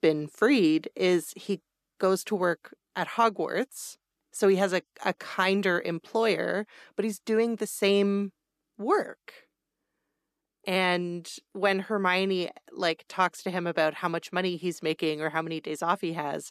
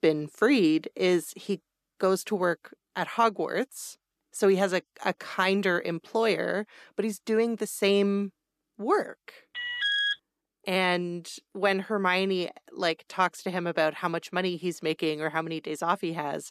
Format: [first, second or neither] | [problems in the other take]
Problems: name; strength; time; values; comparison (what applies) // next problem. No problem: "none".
first | alarm; loud; at 9.5 s; peak 3 dB above the speech